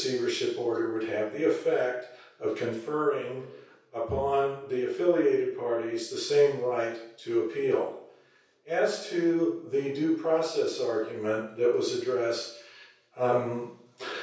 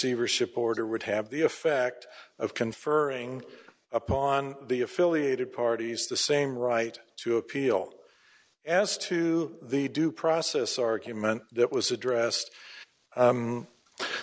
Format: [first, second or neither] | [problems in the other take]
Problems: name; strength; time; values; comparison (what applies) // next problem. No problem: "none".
second | room echo; dies away in 0.6 s